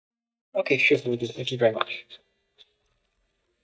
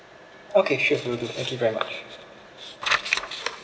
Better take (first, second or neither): second